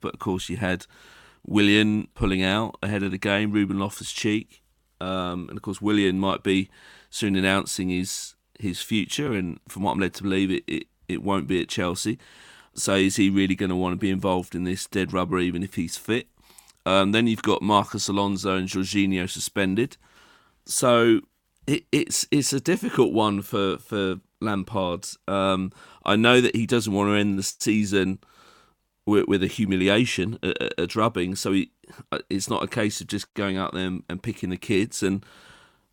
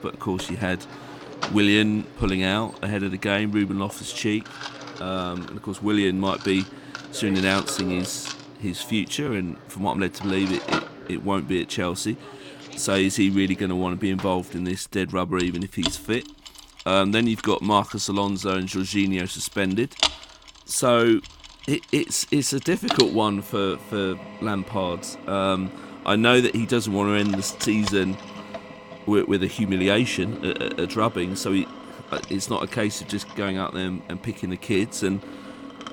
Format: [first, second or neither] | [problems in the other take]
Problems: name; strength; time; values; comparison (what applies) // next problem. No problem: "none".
first | machinery noise; noticeable; throughout; 10 dB below the speech